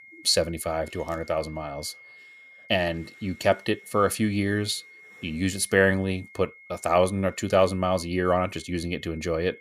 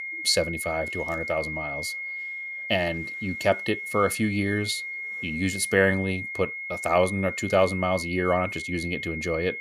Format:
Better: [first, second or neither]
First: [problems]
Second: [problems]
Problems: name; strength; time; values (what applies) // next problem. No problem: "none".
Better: first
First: high-pitched whine; faint; throughout; 2 kHz, 20 dB below the speech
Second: high-pitched whine; loud; throughout; 2 kHz, 5 dB below the speech